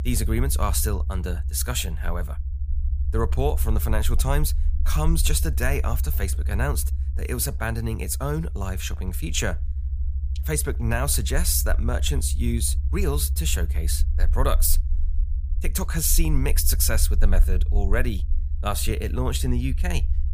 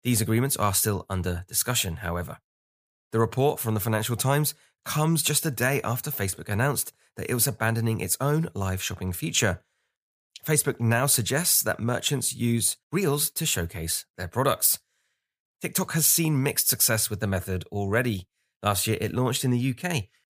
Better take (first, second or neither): second